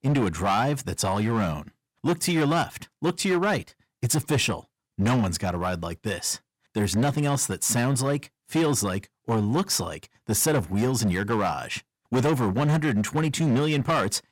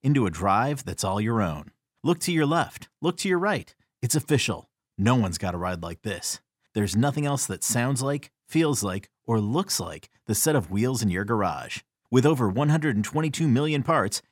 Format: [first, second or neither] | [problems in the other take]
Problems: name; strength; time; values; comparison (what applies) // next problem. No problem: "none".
second | distortion; slight; 11% of the sound clipped